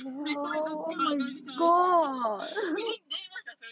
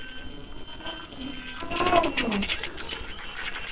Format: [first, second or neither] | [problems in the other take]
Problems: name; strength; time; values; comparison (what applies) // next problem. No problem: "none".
first | noise reduction (neural separator model SepFormer WHAMR!)